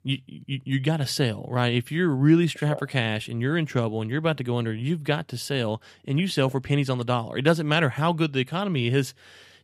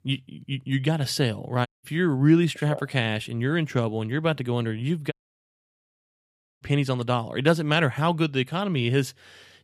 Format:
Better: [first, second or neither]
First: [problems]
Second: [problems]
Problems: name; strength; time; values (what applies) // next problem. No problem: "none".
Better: first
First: none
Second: audio cutting out; at 1.5 s and at 5 s for 1.5 s